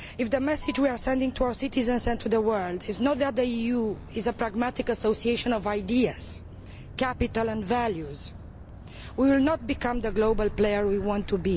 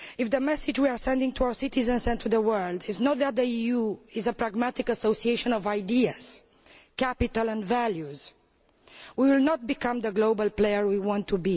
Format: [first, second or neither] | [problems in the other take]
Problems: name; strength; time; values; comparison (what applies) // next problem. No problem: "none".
second | background sound (Motor vehicle (road)); 13 dB below the speech